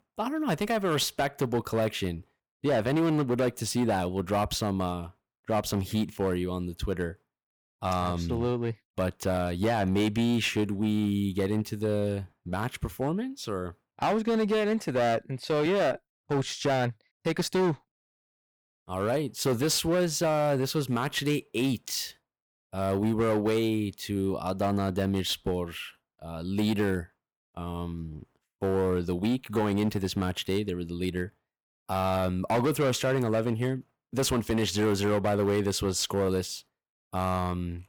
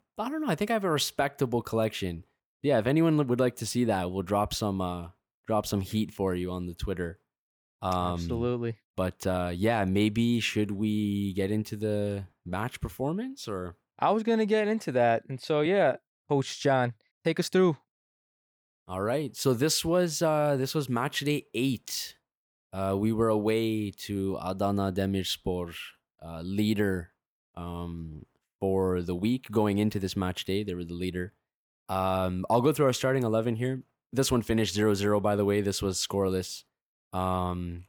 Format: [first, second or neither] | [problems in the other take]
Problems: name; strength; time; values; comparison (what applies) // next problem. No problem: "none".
second | distortion; slight; 10% of the sound clipped